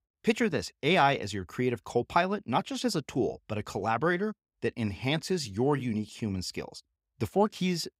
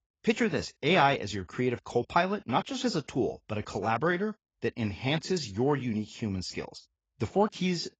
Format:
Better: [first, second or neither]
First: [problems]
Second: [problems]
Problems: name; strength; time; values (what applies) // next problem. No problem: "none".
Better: first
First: none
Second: garbled, watery; badly; nothing above 7.5 kHz